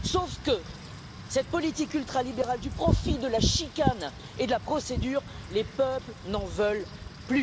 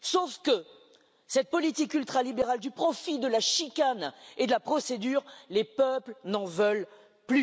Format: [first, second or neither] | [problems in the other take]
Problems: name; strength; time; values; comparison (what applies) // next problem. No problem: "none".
second | background sound (Wind / Rain); 4 dB below the speech